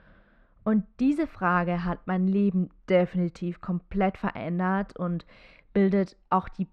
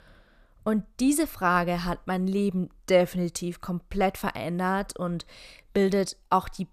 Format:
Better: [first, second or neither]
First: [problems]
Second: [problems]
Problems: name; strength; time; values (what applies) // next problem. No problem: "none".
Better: second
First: muffled; very; fading above 2 kHz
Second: none